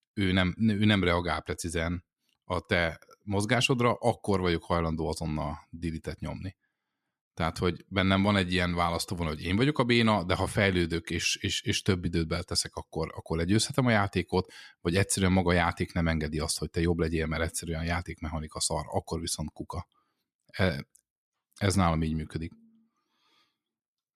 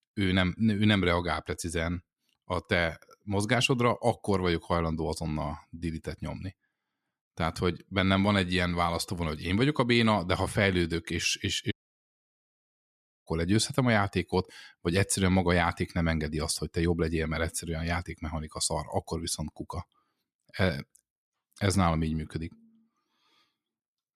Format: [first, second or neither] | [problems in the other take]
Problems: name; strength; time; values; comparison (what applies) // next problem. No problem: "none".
first | audio cutting out; at 12 s for 1.5 s